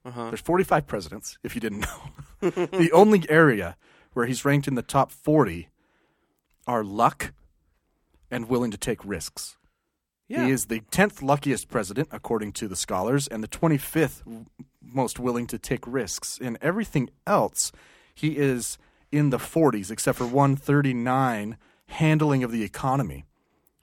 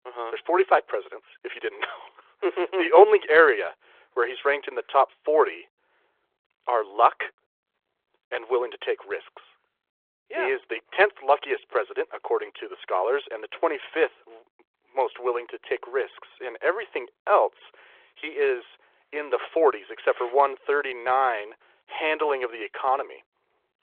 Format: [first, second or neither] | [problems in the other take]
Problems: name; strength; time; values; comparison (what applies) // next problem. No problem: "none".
first | phone-call audio